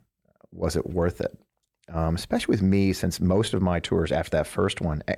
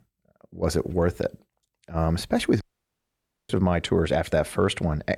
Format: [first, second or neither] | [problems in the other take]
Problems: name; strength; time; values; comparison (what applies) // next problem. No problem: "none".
first | audio cutting out; at 2.5 s for 1 s